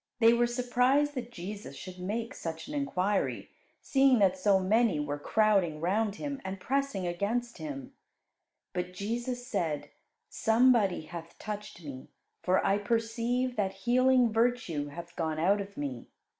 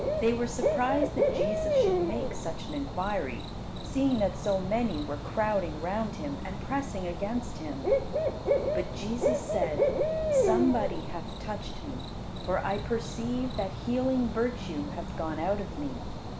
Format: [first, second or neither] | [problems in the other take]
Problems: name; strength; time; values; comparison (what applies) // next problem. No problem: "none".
first | background sound (Cricket / Bird); 1 dB above the speech